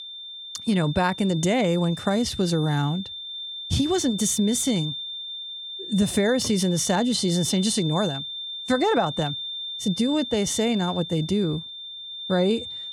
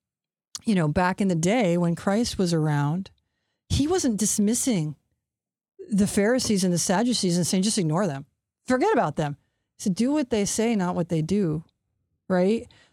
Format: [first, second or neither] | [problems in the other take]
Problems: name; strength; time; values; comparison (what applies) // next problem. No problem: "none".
second | high-pitched whine; loud; throughout; 3.5 kHz, 9 dB below the speech